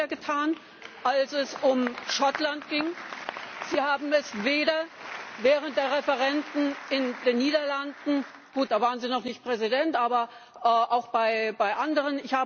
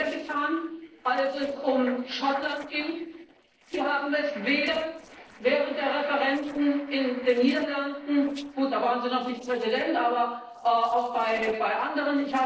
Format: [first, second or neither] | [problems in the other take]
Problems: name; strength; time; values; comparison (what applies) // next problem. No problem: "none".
first | noise reduction (neural separator model SepFormer DNS4)